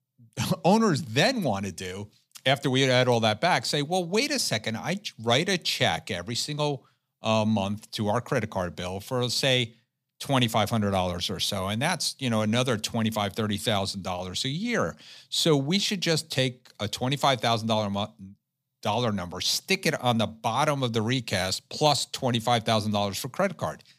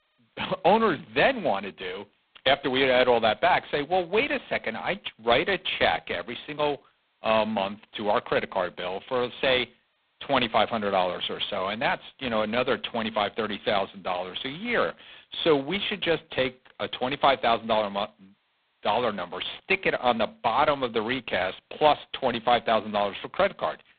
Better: first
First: none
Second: phone-call audio; poor line; nothing above 4 kHz

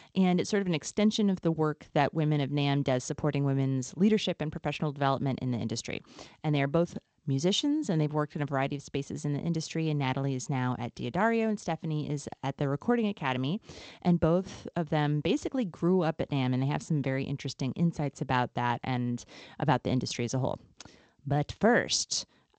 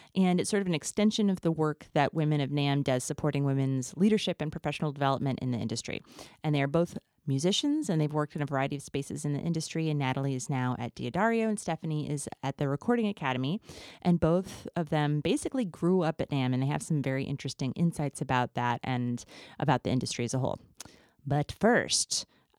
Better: second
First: garbled, watery; slightly; nothing above 8 kHz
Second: none

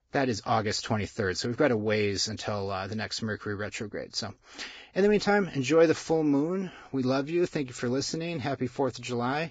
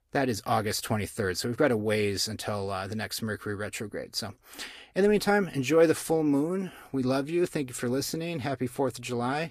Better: second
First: garbled, watery; badly; nothing above 7.5 kHz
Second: garbled, watery; slightly; nothing above 14.5 kHz

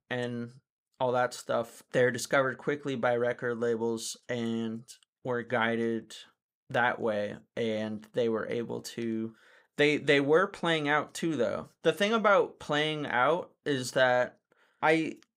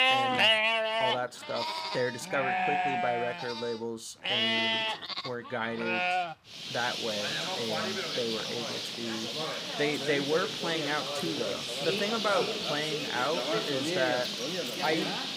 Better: first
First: none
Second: animal sounds; very loud; throughout; 4 dB above the speech

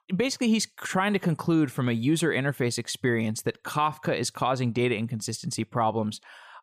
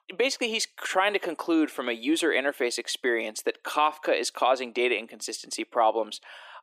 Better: first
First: none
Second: thin; very; fading below 300 Hz

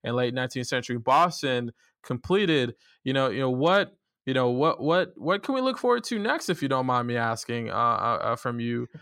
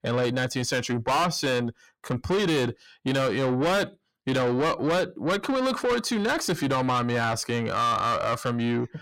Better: first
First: none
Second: distortion; heavy; 7 dB below the speech

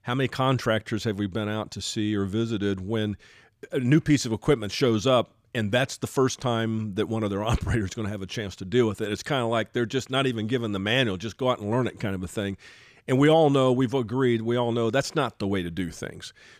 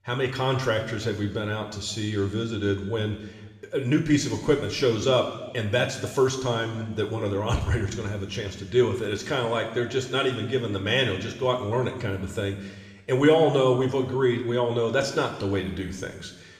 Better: first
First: none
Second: room echo; noticeable; dies away in 1.1 s // off-mic speech; somewhat distant

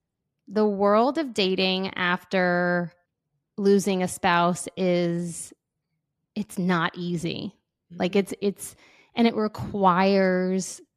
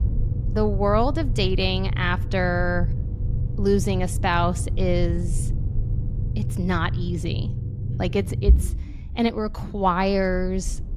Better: first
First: none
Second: low rumble; noticeable; throughout; 15 dB below the speech

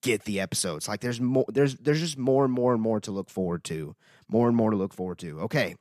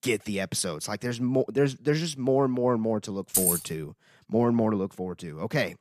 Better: first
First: none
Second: jangling keys; loud; at 3.5 s; peak 5 dB above the speech

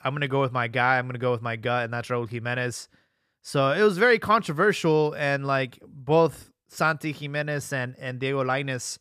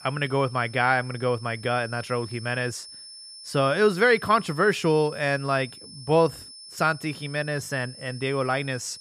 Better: first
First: none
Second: high-pitched whine; noticeable; throughout; 5.5 kHz, 15 dB below the speech

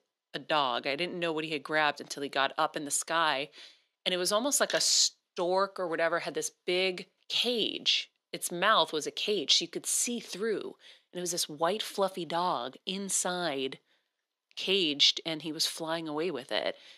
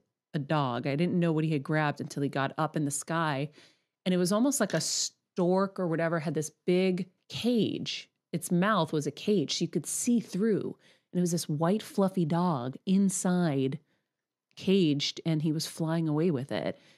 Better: second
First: thin; very; fading below 500 Hz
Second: none

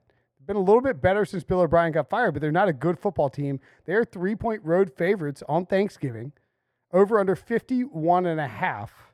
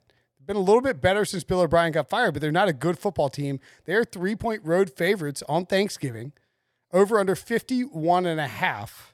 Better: second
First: muffled; slightly; fading above 2.5 kHz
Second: none

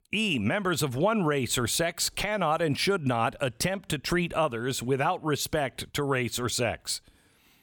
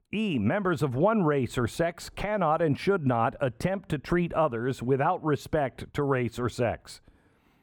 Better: first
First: none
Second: muffled; very; fading above 2.5 kHz

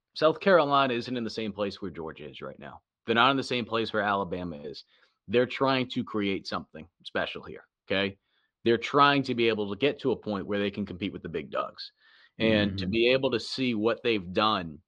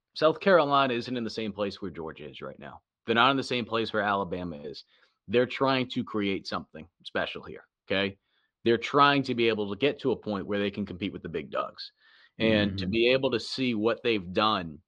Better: neither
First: muffled; very slightly; fading above 4 kHz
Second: muffled; very slightly; fading above 4 kHz

